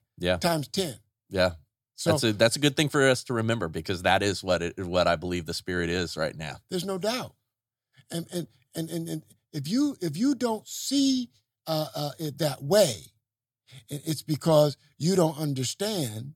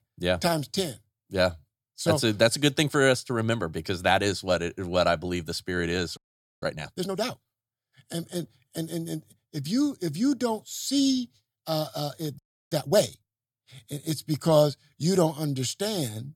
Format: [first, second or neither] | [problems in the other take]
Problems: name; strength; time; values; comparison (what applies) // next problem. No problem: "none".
first | audio freezing; at 6 s and at 12 s